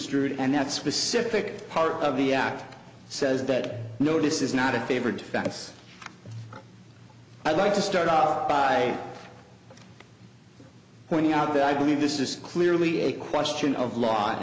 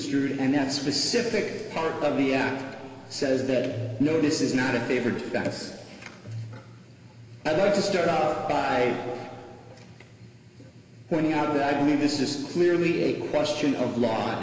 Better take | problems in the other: first | room echo; dies away in 2.1 s

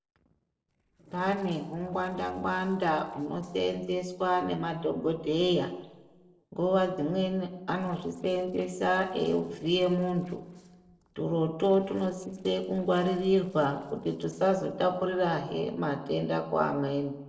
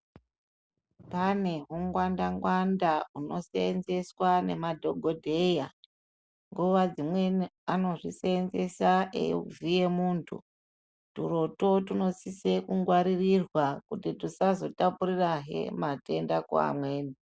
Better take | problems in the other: second | noise reduction (neural separator model SepFormer DNS4)

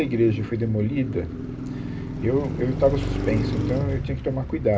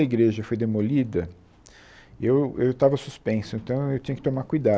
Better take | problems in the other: second | background sound (Car passing by); 4 dB below the speech // room echo; dies away in 0.2 s

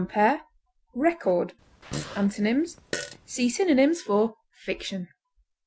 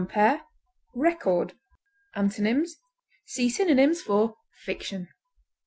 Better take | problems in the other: second | background sound (Fart); 11 dB below the speech

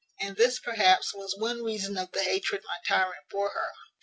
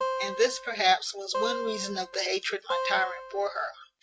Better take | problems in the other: first | background sound (Acoustic guitar); 6 dB below the speech

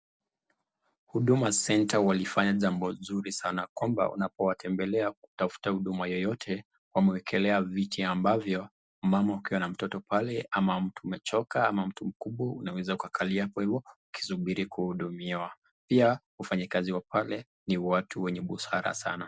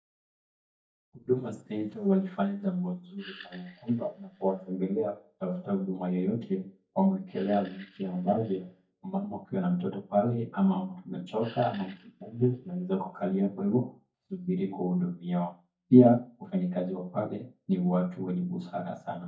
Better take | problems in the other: first | noise reduction (neural mask model DeepFilterNet 3)

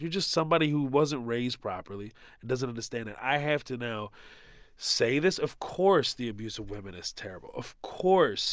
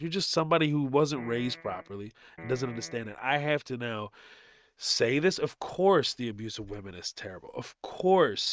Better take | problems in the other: first | noise reduction (neural mask model RNNoise)

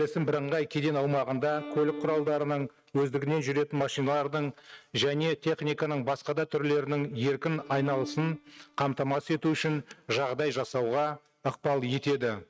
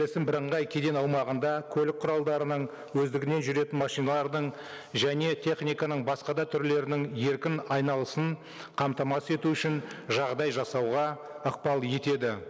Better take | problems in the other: second | noise reduction (neural mask model RNNoise)

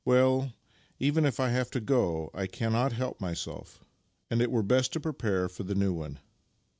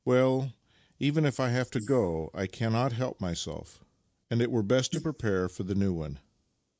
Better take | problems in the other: first | noise reduction (neural mask model Resemble Enhance denoiser)

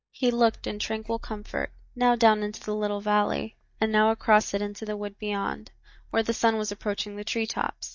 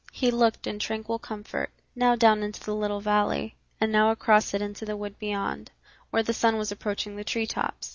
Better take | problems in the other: second | noise reduction (neural mask model DeepFilterNet 3)

